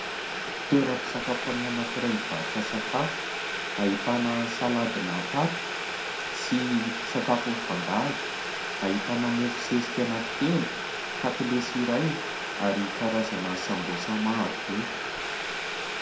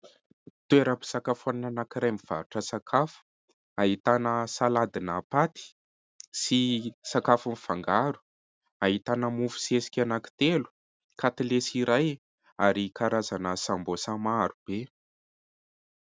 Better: second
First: background sound (Boiling); 3 dB below the speech // room echo; dies away in 0.4 s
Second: none

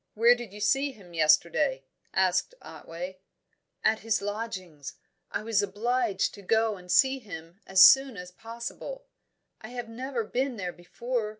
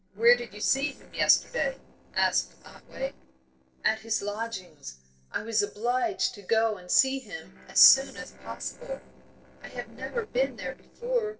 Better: first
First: none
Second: noise reduction (neural separator model SepFormer DNS4)

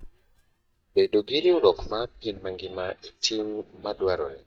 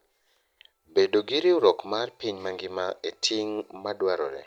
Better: second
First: noise reduction (neural mask model DeepFilterNet 3)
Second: none

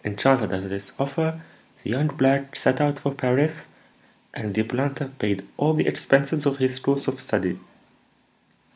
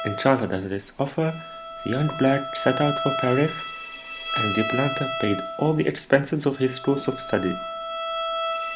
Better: first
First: none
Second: background sound (Bowed string instrument); 6 dB below the speech

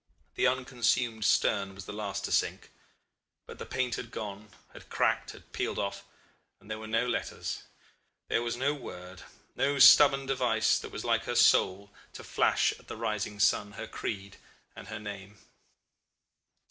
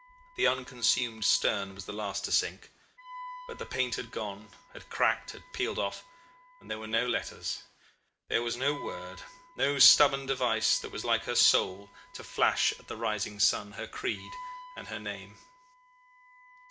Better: first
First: none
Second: background sound (Wind instrument, woodwind instrument); 19 dB below the speech

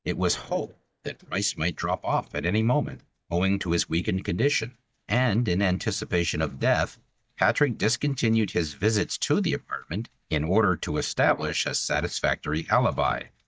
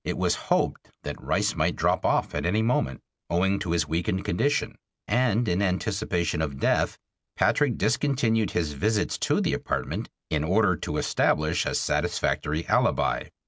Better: second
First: noise reduction (neural mask model DeepFilterNet 3)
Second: none

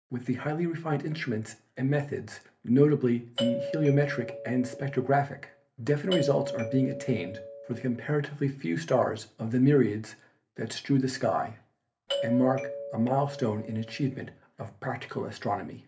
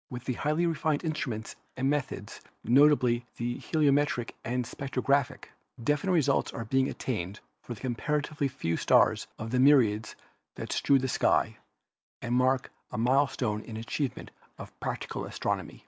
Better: second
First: background sound (Doorbell); 8 dB below the speech // room echo; dies away in 0.3 s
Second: none

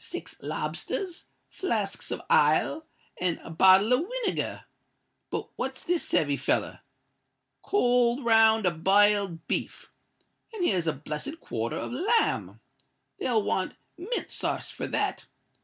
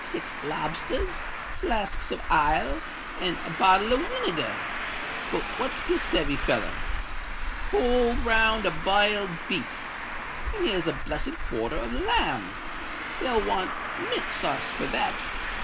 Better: first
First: none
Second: background sound (Traffic noise, roadway noise); 3 dB below the speech

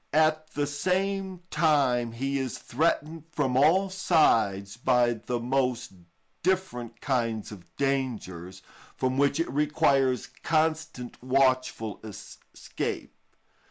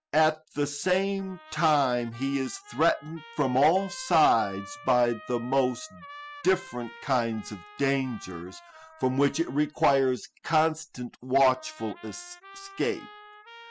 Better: first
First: none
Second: noise reduction (classical method spectral subtraction)

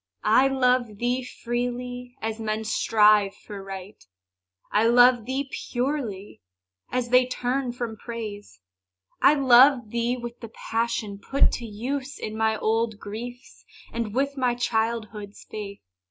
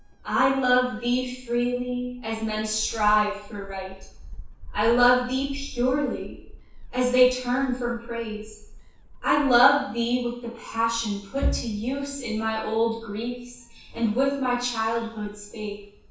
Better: first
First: none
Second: background sound (Gull, seagull); 16 dB below the speech // room echo; dies away in 0.7 s

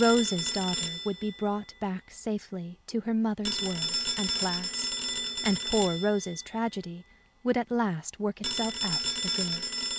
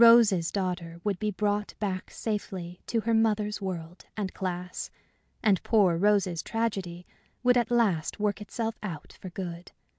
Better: second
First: background sound (Telephone); 4 dB below the speech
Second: none

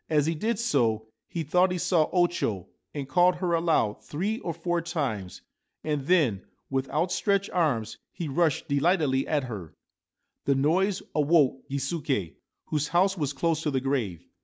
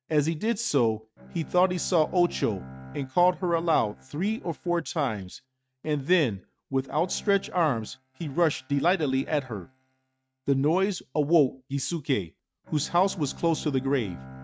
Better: first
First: none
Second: noise reduction (neural mask model RNNoise)

